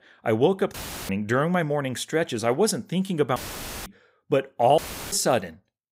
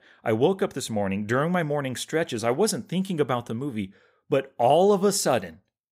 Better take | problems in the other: second | audio cutting out; filled with static; at 0.5 s, at 3.5 s for 0.5 s and at 5 s

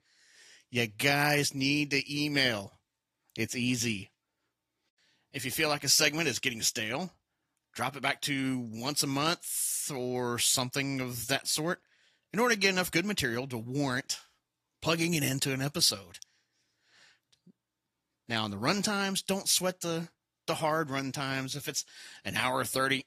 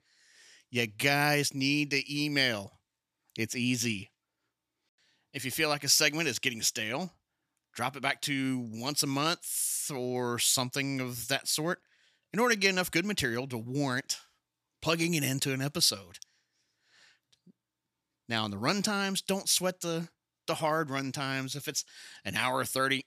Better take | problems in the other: second | garbled, watery; slightly; nothing above 14.5 kHz

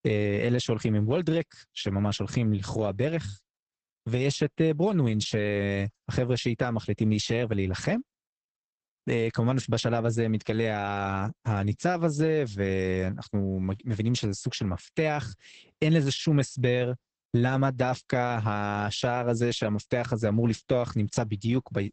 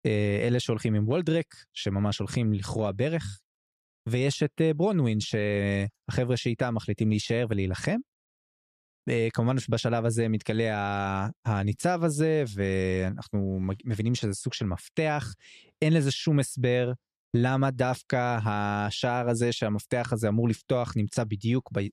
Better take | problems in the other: second | garbled, watery; badly; nothing above 8 kHz

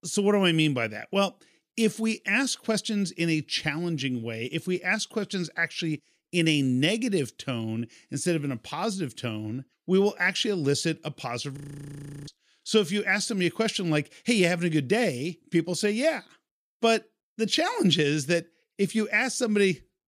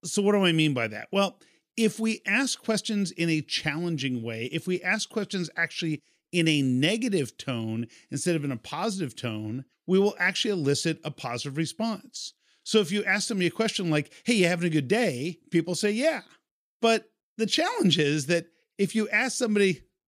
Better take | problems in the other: second | audio freezing; at 12 s for 0.5 s

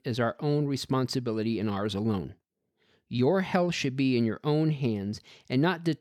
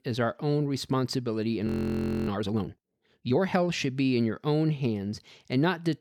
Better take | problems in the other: first | audio freezing; at 1.5 s for 0.5 s

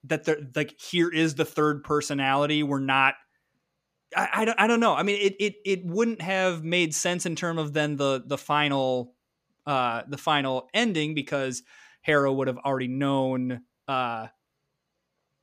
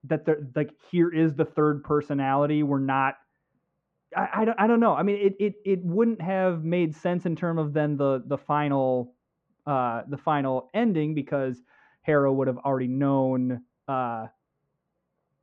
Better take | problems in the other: first | muffled; very; fading above 1 kHz

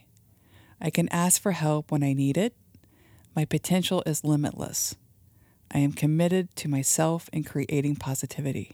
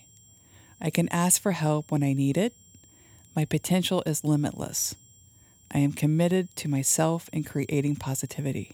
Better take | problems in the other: first | high-pitched whine; faint; throughout; 7.5 kHz, 30 dB below the speech

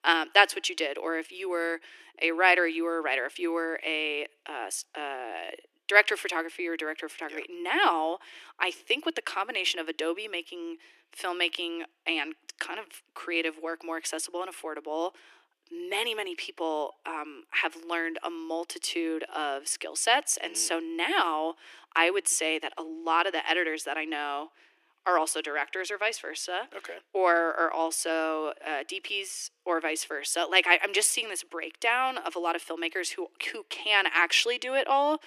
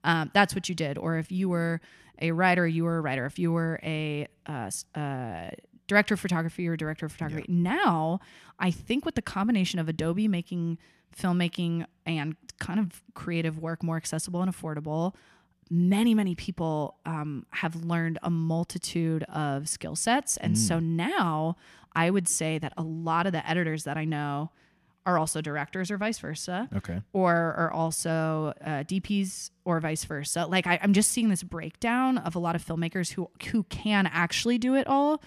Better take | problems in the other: second | thin; very; fading below 300 Hz

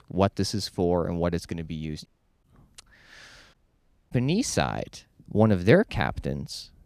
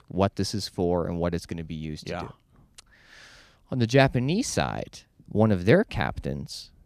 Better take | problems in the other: second | audio cutting out; at 2 s and at 3.5 s for 0.5 s

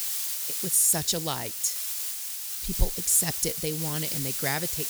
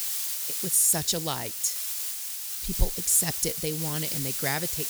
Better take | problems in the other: neither | hiss; loud; throughout; 3 dB below the speech; the same in both

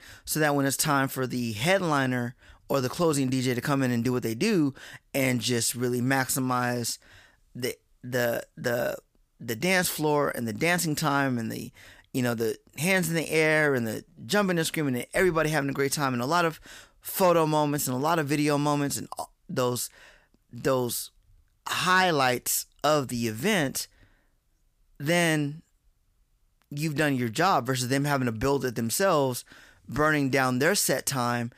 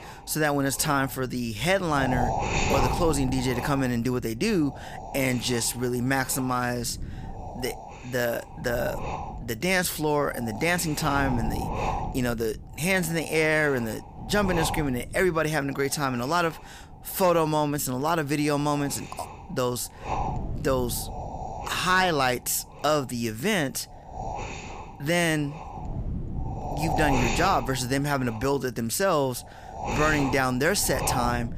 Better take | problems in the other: first | wind noise on the microphone; heavy; 7 dB below the speech

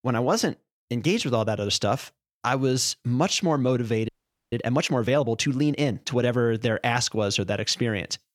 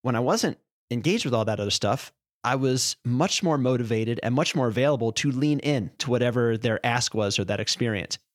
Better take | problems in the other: second | audio freezing; at 4 s

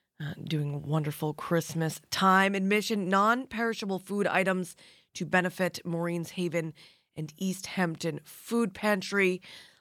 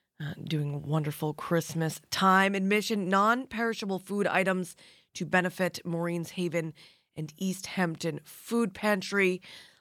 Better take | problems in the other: neither | none

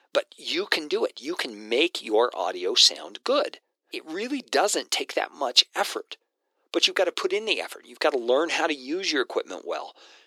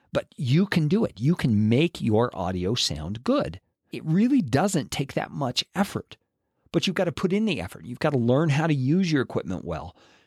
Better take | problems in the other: second | thin; very; fading below 350 Hz

